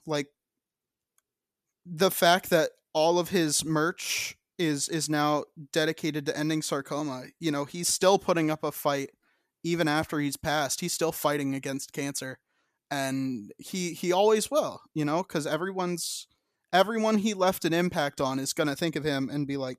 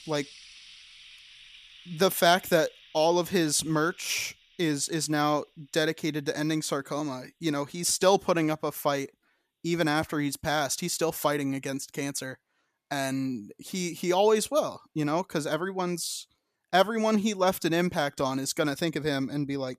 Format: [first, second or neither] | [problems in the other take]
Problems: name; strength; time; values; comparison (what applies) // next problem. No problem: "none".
first | household noises; faint; throughout; 25 dB below the speech